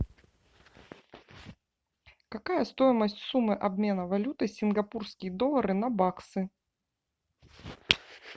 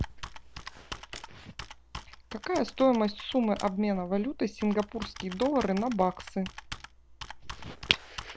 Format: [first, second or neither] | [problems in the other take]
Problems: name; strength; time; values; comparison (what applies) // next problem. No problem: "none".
first | background sound (Computer keyboard); 13 dB below the speech